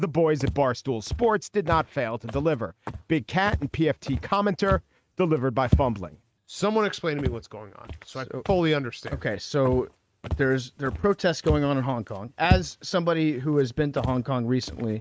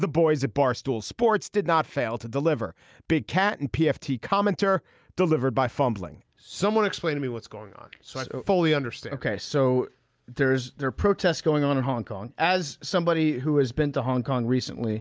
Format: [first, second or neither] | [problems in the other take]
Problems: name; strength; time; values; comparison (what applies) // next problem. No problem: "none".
second | noise reduction (neural mask model RNNoise)